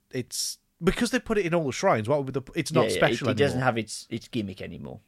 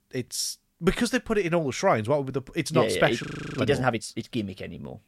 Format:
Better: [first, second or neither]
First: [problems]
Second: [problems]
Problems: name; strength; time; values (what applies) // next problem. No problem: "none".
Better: first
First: none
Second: audio freezing; at 3 s